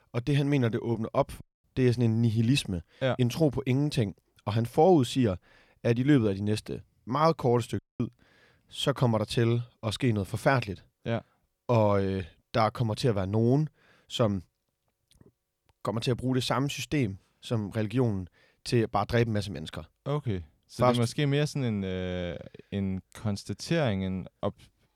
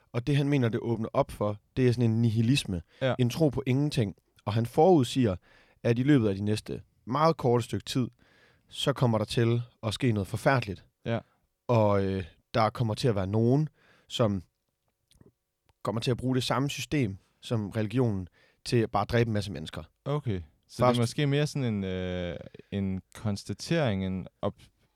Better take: second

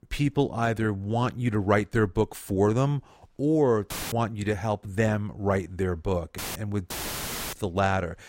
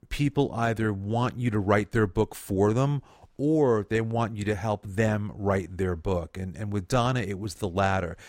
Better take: second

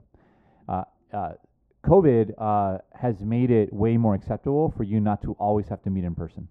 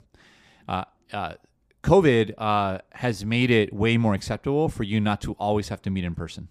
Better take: second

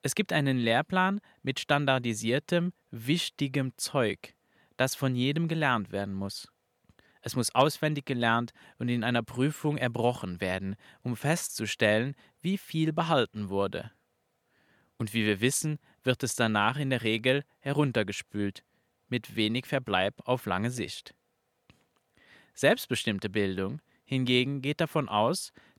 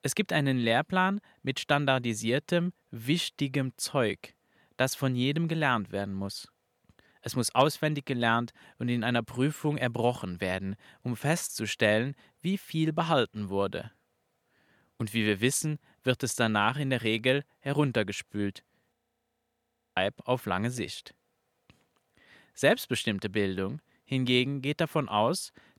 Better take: first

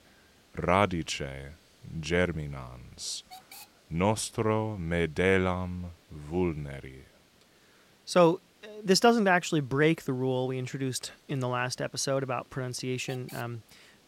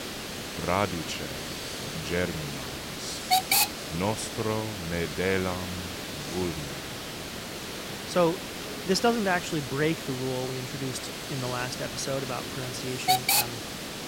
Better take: first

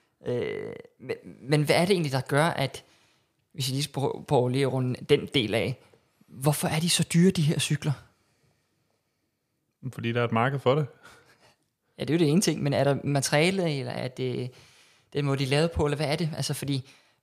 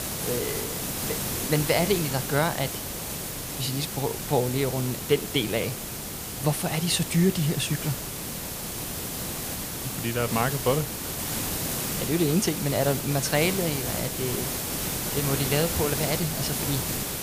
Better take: first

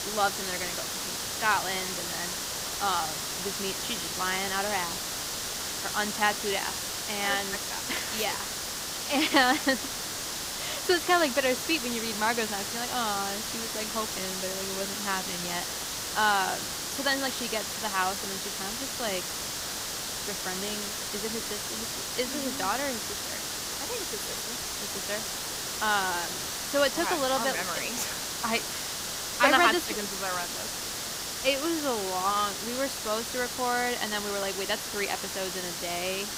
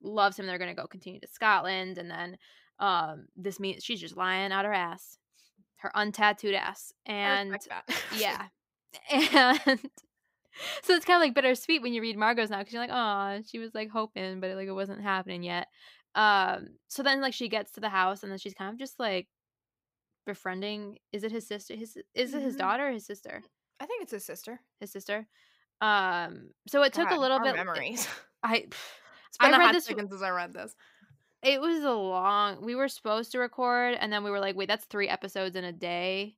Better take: second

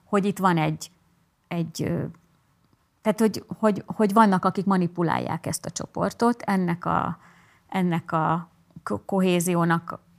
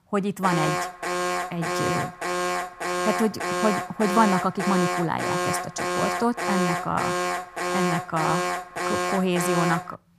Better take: first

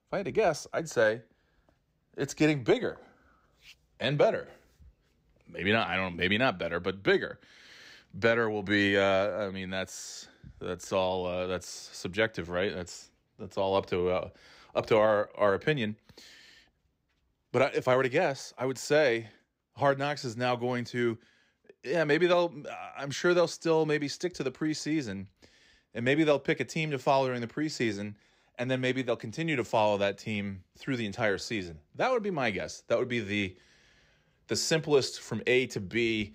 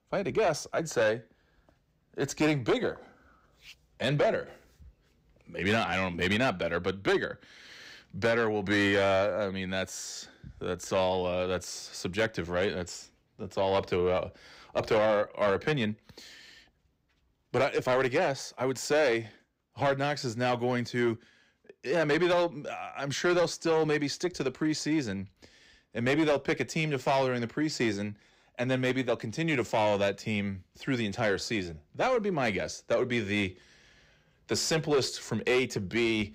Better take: first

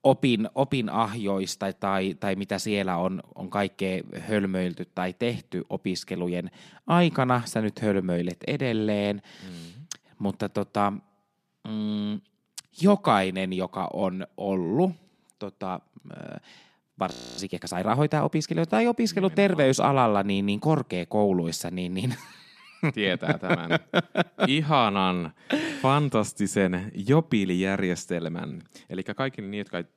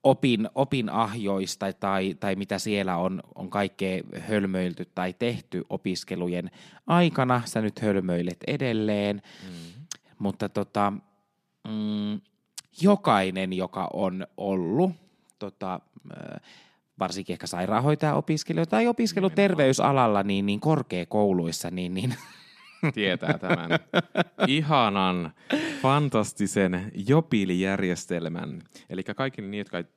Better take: second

